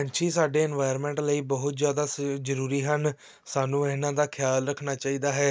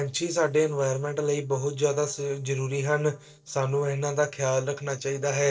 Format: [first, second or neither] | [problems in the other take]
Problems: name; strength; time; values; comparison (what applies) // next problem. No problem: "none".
first | noise reduction (neural separator model SepFormer DNS4)